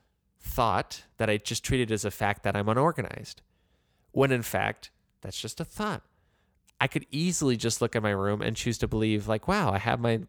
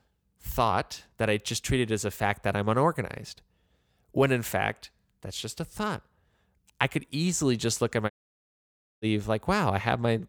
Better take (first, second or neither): first